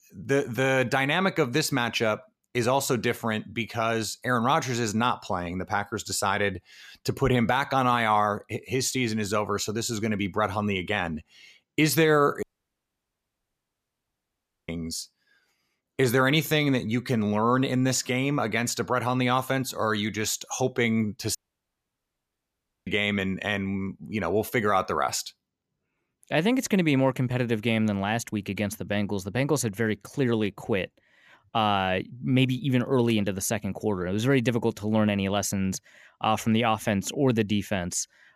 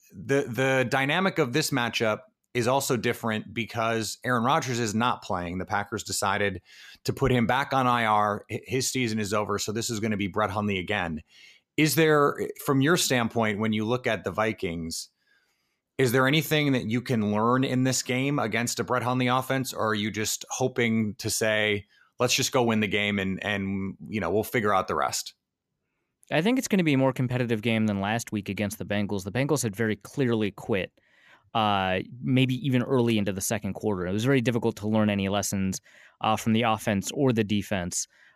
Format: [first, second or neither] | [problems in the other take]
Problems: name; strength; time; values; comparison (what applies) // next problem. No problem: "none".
second | audio cutting out; at 12 s for 2.5 s and at 21 s for 1.5 s